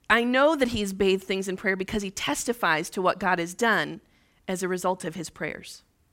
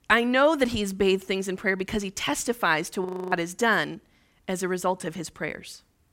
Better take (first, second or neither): first